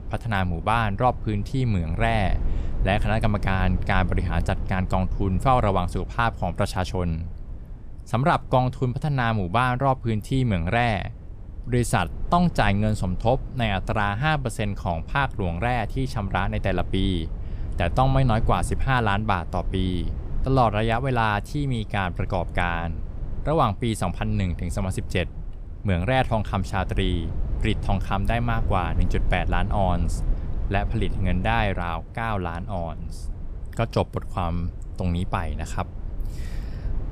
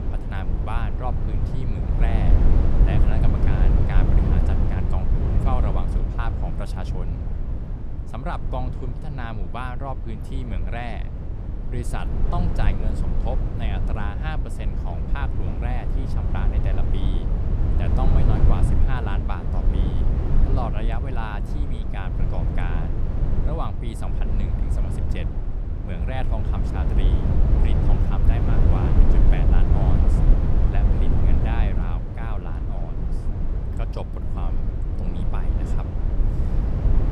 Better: first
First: low rumble; faint; throughout; 20 dB below the speech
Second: low rumble; loud; throughout; 1 dB below the speech

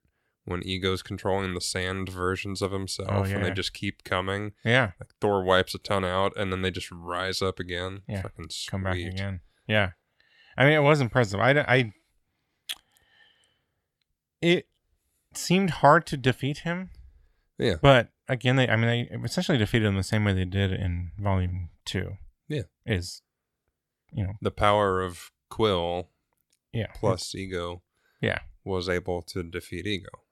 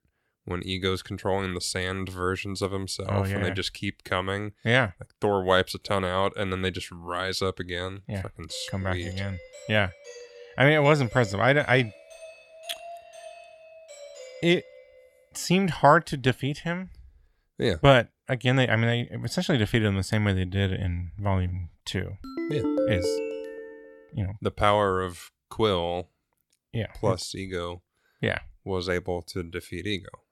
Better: first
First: none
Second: doorbell; faint; from 8.5 to 15 s; peak 15 dB below the speech // phone ringing; loud; from 22 to 24 s; peak level with the speech

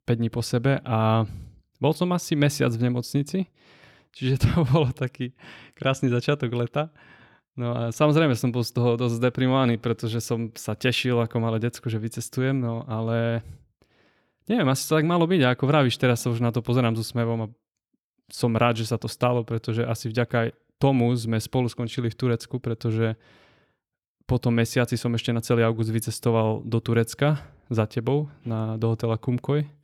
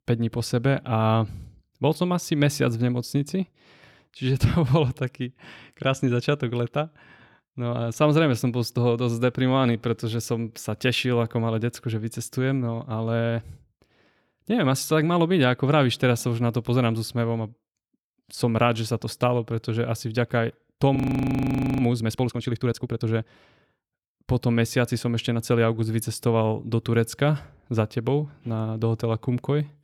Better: first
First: none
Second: audio freezing; at 21 s for 1 s

